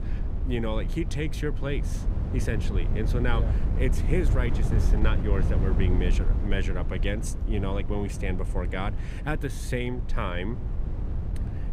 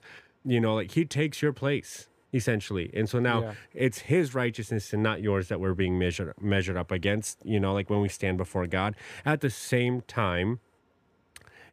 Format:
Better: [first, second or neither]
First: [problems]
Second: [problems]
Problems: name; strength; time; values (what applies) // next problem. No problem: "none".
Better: second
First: wind noise on the microphone; heavy; 8 dB below the speech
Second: none